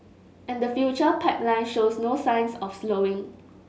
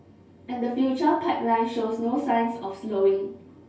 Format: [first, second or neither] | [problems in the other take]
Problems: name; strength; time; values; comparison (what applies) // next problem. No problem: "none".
first | room echo; dies away in 0.3 s